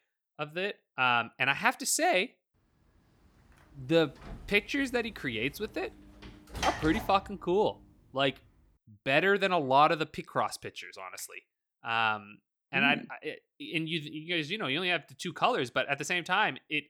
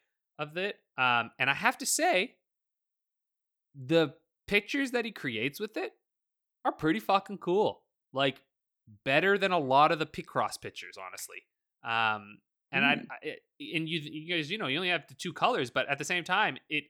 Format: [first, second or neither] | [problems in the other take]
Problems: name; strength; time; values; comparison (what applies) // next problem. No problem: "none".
second | door banging; noticeable; from 4.5 to 7.5 s; peak 4 dB below the speech